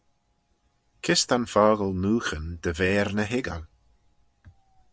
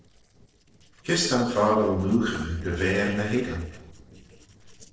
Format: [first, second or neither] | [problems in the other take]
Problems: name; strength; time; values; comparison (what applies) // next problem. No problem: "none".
first | noise reduction (neural separator model SepFormer DNS4)